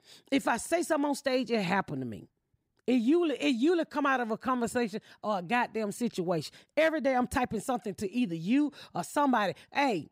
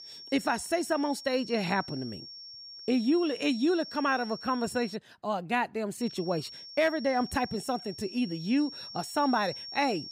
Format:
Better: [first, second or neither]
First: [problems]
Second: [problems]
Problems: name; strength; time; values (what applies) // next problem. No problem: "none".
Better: first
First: none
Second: high-pitched whine; noticeable; until 5 s and from 6 s on; 5.5 kHz, 10 dB below the speech